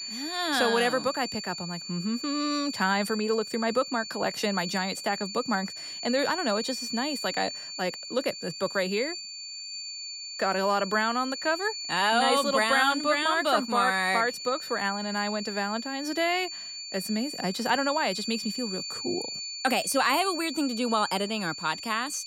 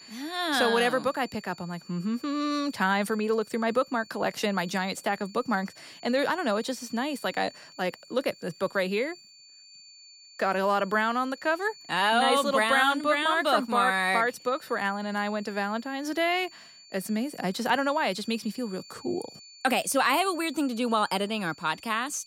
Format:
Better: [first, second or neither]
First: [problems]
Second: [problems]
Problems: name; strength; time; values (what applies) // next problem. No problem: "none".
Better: second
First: high-pitched whine; loud; throughout; 4.5 kHz, 7 dB below the speech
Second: high-pitched whine; faint; throughout; 4.5 kHz, 20 dB below the speech